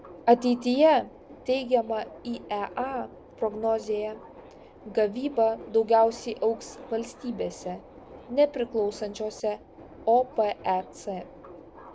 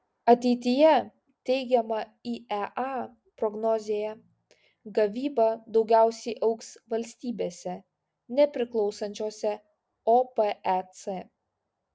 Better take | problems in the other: second | background sound (Subway, metro, underground); 19 dB below the speech

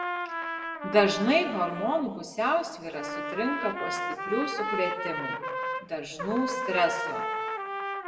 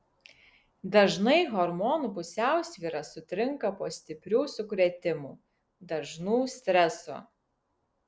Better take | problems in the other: second | background sound (Trumpet); 4 dB below the speech // room echo; dies away in 1.2 s

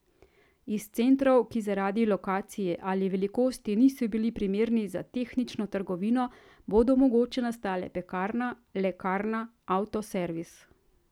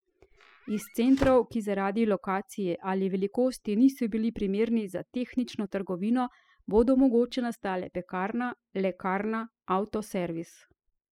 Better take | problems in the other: first | noise reduction (classical method spectral subtraction)

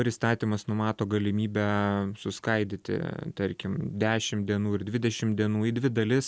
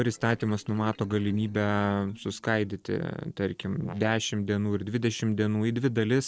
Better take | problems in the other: first | noise reduction (neural separator model SepFormer DNS4)

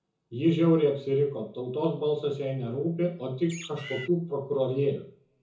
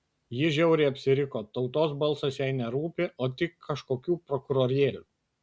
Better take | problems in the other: second | background sound (Bird); 13 dB below the speech // room echo; dies away in 0.6 s

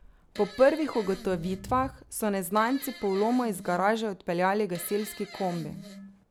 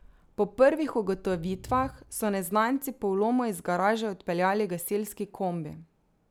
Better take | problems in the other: second | background sound (Fart); 17 dB below the speech

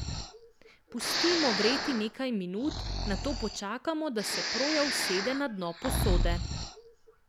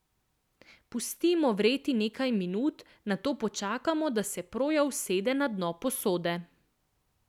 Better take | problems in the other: second | background sound (Breathing); as loud as the speech

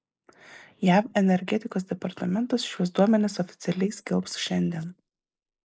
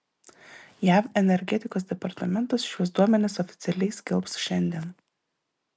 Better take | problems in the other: second | noise reduction (neural mask model Resemble Enhance denoiser)

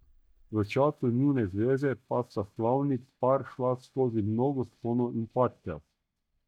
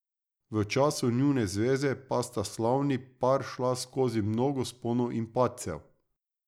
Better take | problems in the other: second | noise reduction (neural mask model DeepFilterNet 3)

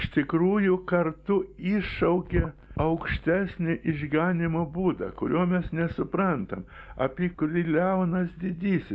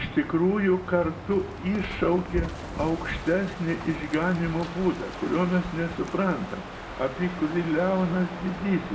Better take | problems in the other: first | background sound (Crow); 12 dB below the speech // room echo; dies away in 0.5 s

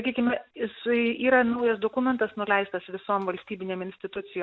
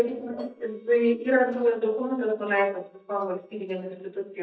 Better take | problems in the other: first | noise reduction (neural mask model DeepFilterNet 3)

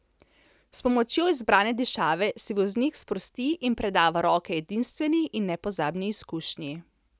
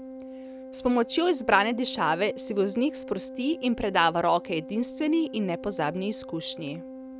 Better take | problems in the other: first | background sound (Organ); 13 dB below the speech

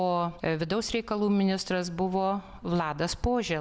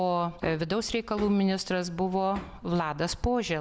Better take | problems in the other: first | background sound (Hammer); 19 dB below the speech

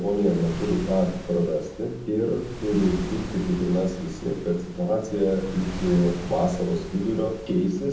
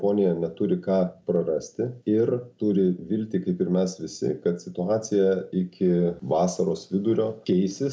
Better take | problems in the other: second | background sound (Waves, surf); 12 dB below the speech // room echo; dies away in 0.6 s

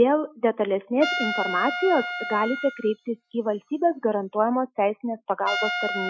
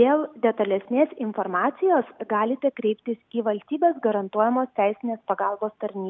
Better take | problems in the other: second | noise reduction (classical method Wiener filter)

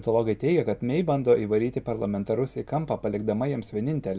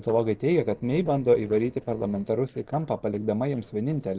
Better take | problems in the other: first | noise reduction (neural separator model SepFormer DNS4)

